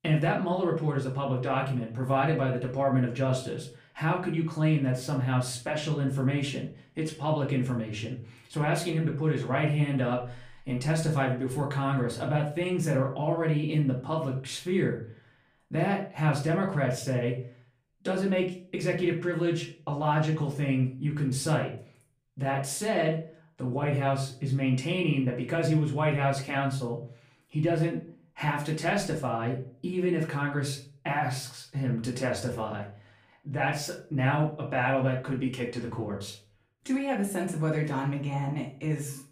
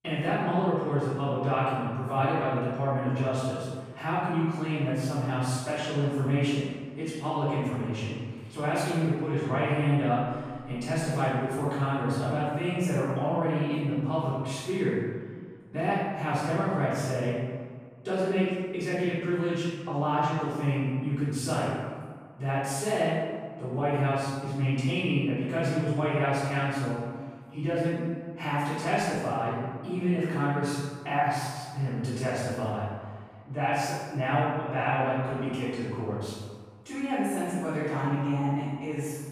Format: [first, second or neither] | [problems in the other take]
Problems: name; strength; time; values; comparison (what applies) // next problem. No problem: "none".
first | room echo; strong; dies away in 1.4 s; slight in the first // off-mic speech; far; far in the first